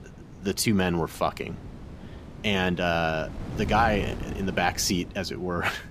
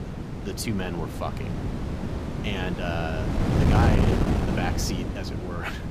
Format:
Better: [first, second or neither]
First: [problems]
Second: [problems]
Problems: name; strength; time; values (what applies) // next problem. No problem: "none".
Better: first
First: wind noise on the microphone; occasional gusts; 20 dB below the speech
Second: wind noise on the microphone; heavy; as loud as the speech